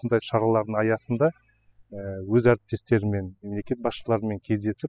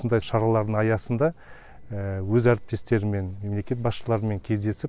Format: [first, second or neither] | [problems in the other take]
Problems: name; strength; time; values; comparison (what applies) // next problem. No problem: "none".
second | noise reduction (classical method spectral subtraction)